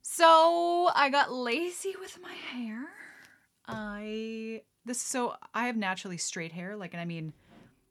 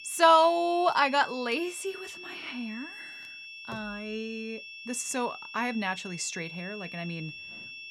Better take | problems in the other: first | high-pitched whine; noticeable; throughout; 2.5 kHz, 15 dB below the speech

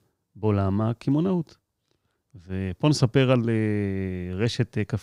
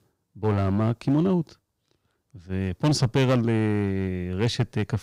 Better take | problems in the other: first | distortion; slight; 6% of the sound clipped

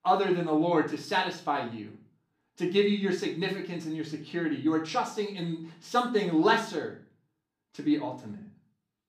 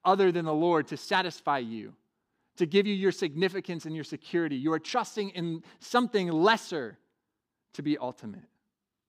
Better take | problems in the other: second | room echo; slight; dies away in 0.4 s // off-mic speech; far

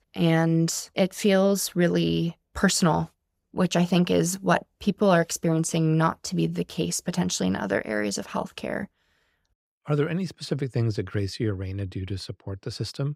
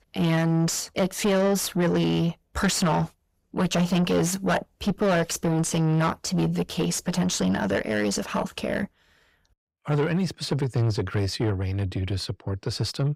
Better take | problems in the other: first | distortion; heavy; 7 dB below the speech

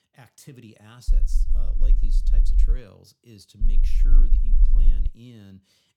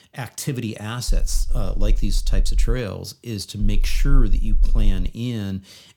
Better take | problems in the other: second | low rumble; loud; from 1 to 3 s and from 3.5 to 5 s; 2 dB below the speech; faint in the second

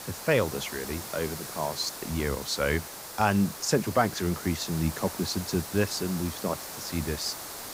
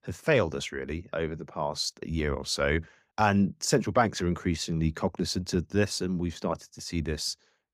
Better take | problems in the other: second | hiss; loud; throughout; 8 dB below the speech

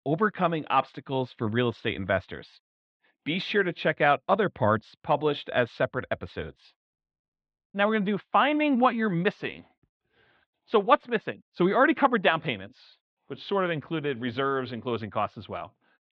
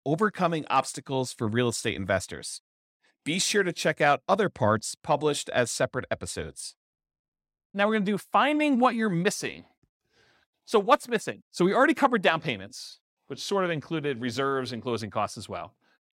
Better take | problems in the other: second | muffled; very; fading above 3.5 kHz

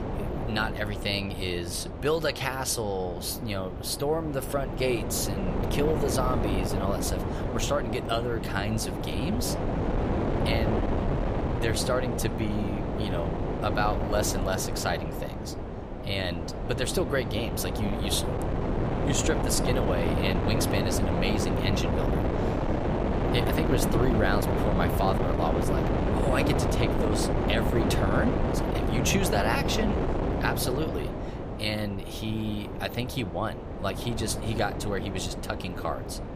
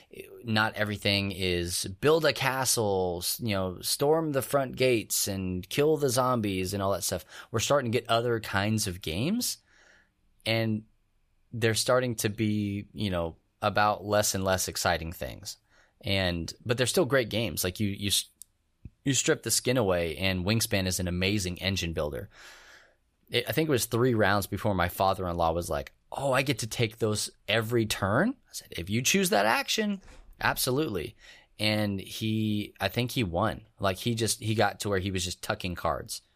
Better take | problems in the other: second | wind noise on the microphone; heavy; 2 dB below the speech

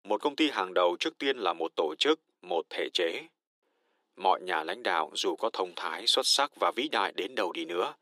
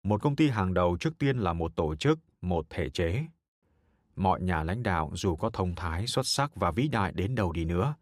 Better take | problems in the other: second | thin; very; fading below 350 Hz

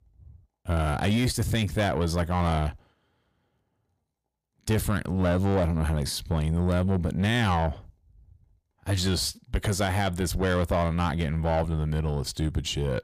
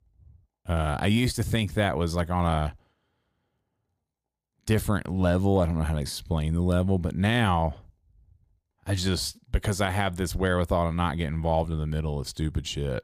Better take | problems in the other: second | distortion; slight; 10 dB below the speech

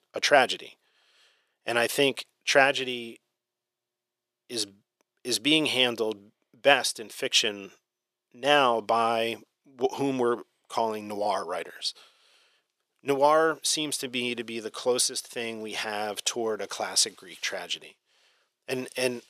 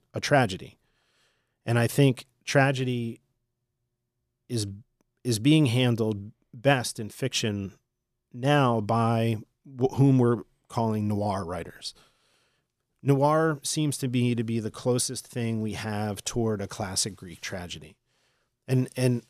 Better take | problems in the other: second | thin; somewhat; fading below 500 Hz

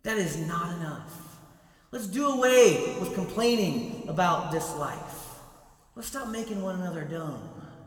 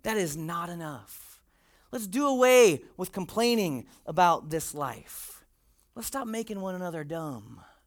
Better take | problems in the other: second | room echo; slight; dies away in 2 s // off-mic speech; somewhat distant

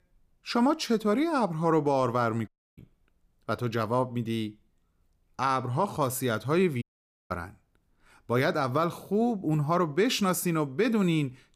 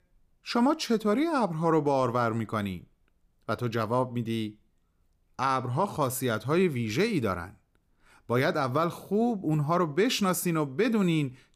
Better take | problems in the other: second | audio cutting out; at 2.5 s and at 7 s

